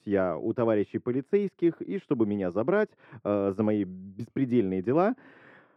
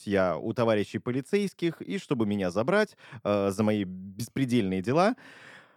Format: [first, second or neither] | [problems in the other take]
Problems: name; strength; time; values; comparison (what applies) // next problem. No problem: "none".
second | muffled; very; fading above 3.5 kHz